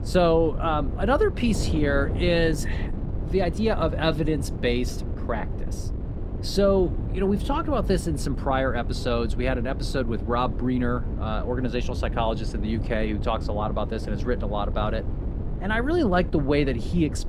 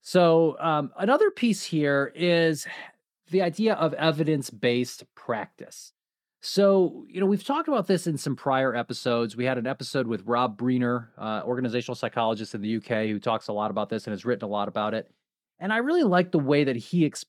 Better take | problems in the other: second | wind noise on the microphone; occasional gusts; 15 dB below the speech

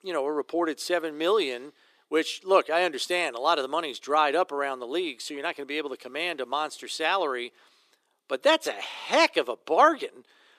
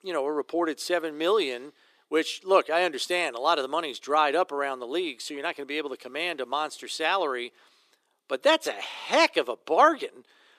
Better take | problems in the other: neither | thin; somewhat; fading below 350 Hz; the same in both

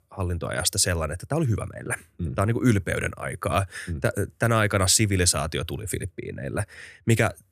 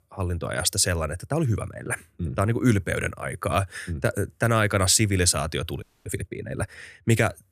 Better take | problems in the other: first | audio freezing; at 6 s

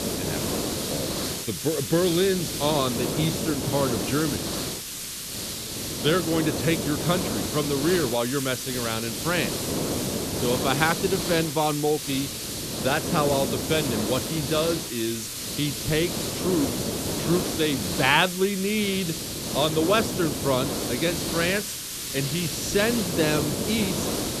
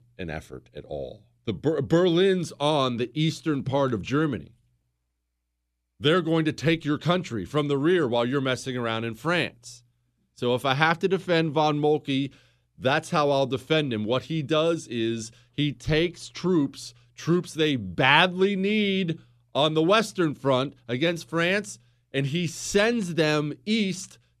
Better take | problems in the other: second | hiss; loud; throughout; 2 dB below the speech

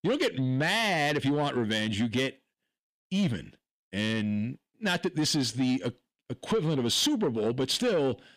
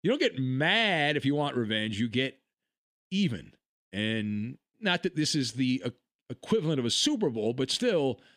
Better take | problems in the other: second | distortion; slight; 10 dB below the speech

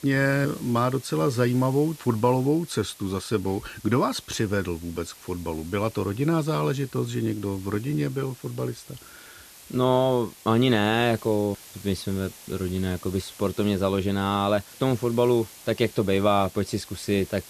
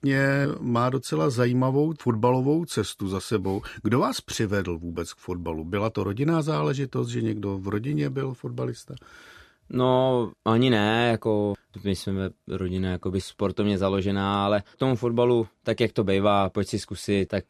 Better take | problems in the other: second | hiss; noticeable; throughout; 20 dB below the speech

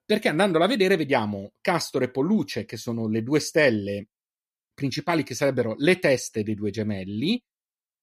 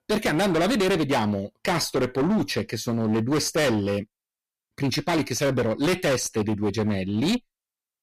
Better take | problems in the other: first | distortion; heavy; 23% of the sound clipped

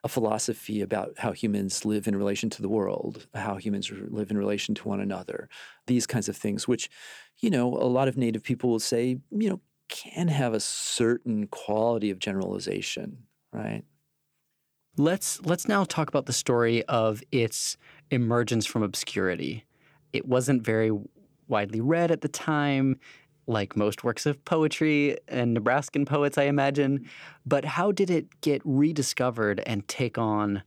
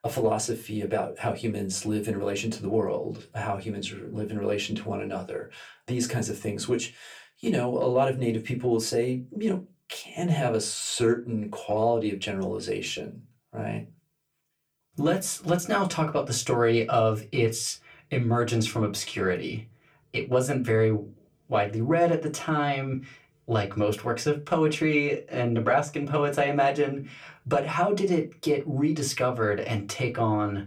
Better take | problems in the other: first | off-mic speech; far // room echo; very slight; dies away in 0.2 s

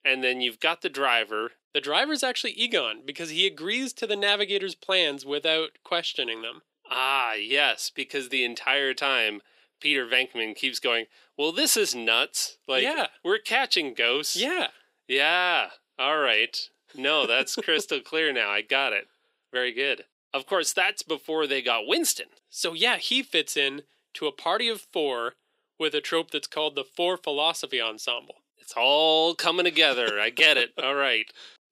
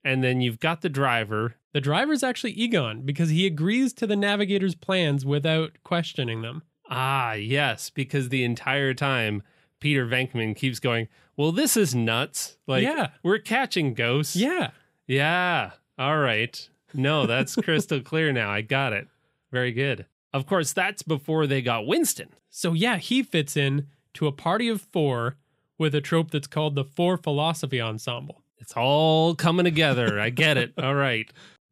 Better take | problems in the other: second | thin; somewhat; fading below 350 Hz

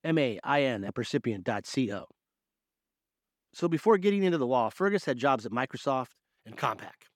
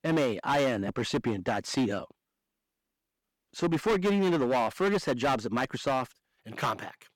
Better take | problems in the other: first | distortion; heavy; 11% of the sound clipped

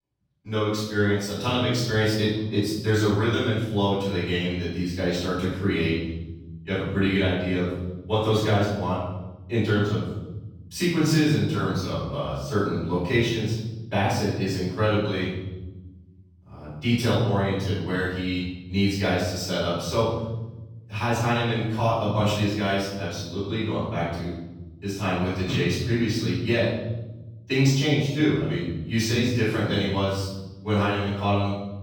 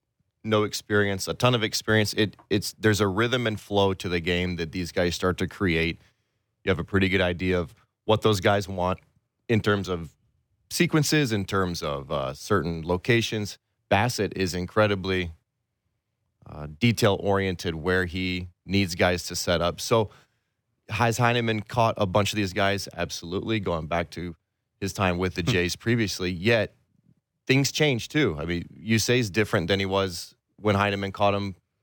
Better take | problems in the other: second | off-mic speech; far // room echo; strong; dies away in 1.3 s

